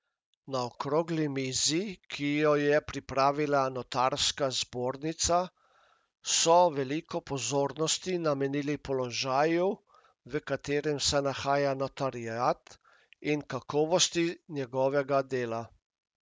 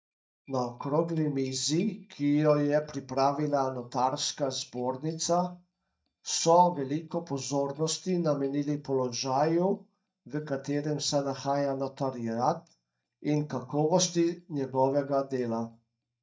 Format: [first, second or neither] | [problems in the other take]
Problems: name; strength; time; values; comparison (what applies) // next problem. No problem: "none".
first | noise reduction (neural mask model DeepFilterNet 3)